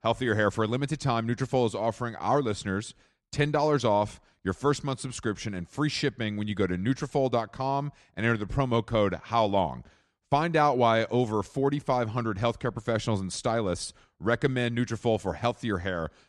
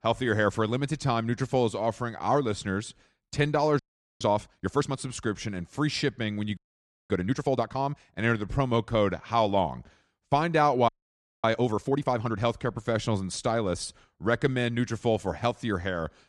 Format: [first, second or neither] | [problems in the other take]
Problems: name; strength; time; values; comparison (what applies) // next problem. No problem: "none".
first | audio freezing; at 4 s, at 6.5 s for 0.5 s and at 11 s for 0.5 s